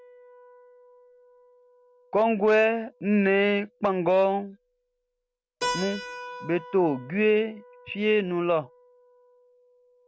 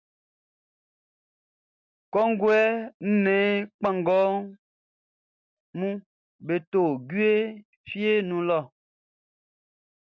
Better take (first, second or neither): second